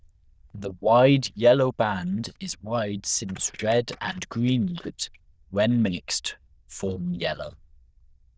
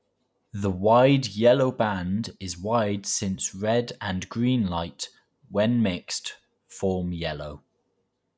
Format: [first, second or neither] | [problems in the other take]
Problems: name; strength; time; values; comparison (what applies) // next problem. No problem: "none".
second | noise reduction (neural diffusion model UNIVERSE++)